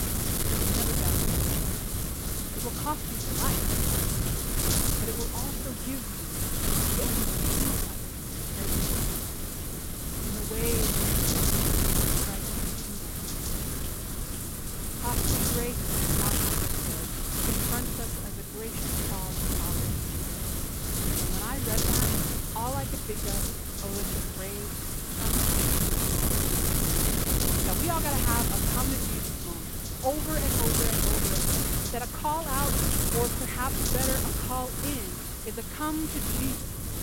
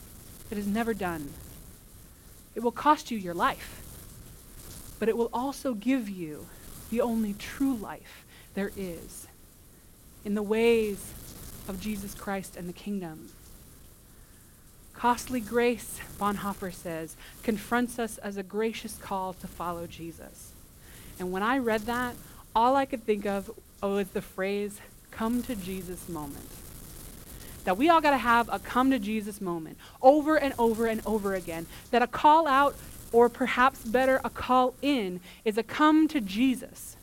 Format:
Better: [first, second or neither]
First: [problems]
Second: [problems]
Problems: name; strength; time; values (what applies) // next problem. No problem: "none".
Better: second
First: wind noise on the microphone; heavy; 5 dB above the speech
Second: wind noise on the microphone; occasional gusts; 25 dB below the speech